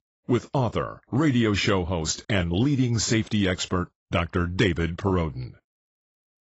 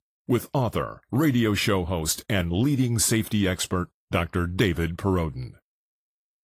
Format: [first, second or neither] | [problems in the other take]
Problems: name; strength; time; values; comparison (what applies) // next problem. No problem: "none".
second | garbled, watery; badly; nothing above 7.5 kHz; slightly in the second